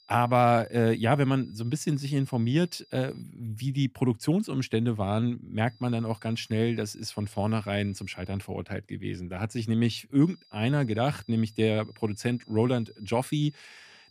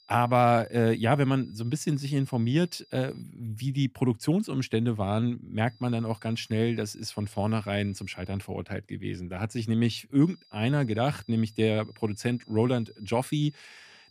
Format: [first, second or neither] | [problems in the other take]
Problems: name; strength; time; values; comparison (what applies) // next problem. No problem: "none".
neither | high-pitched whine; faint; until 3 s, from 5.5 to 8.5 s and from 10 s on; 5 kHz, 30 dB below the speech; the same in both